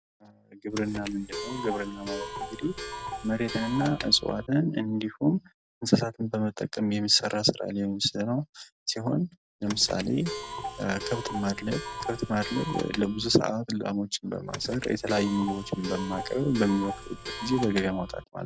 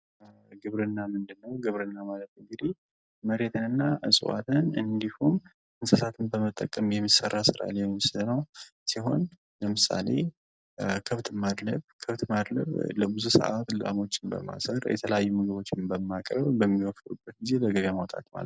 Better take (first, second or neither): second